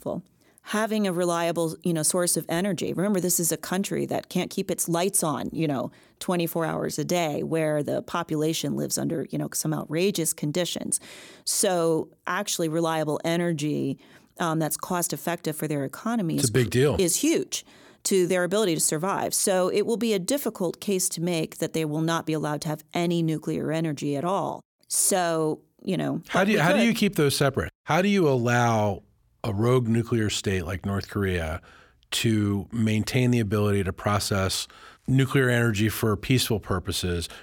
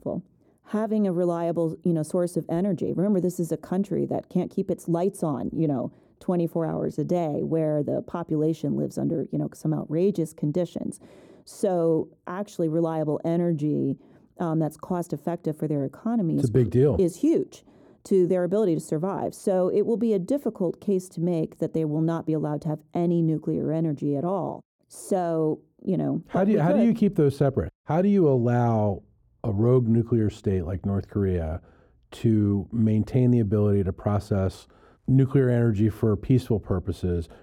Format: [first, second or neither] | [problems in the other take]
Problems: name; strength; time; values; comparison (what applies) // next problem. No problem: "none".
first | muffled; very; fading above 1 kHz